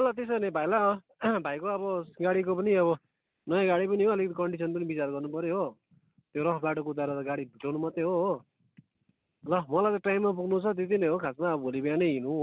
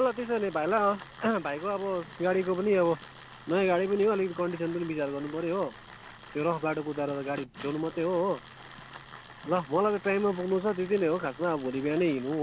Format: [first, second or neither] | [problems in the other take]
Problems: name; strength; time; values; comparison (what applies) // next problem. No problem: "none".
first | background sound (Tools); 19 dB below the speech